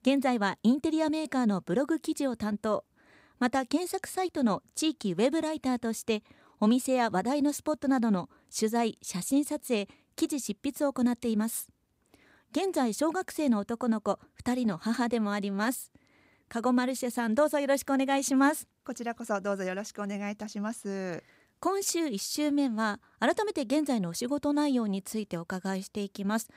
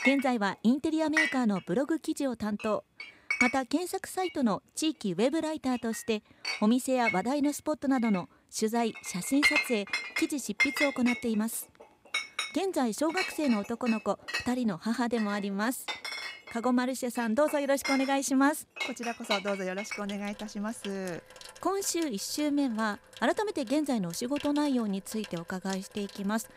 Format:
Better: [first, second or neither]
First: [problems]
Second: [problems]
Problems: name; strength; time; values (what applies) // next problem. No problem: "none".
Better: first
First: none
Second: household noises; loud; throughout; 3 dB below the speech